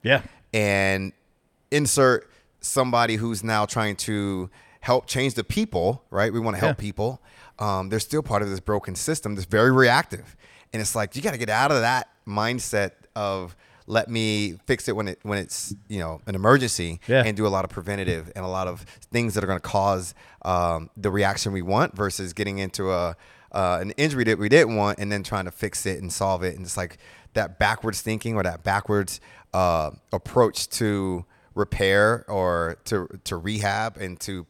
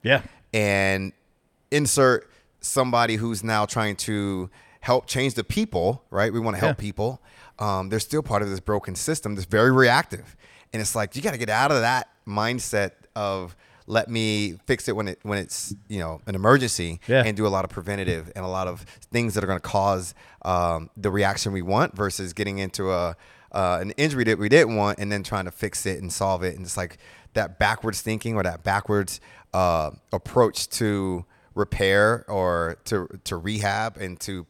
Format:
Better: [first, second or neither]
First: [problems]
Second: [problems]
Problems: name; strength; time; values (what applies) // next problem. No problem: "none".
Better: neither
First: none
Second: none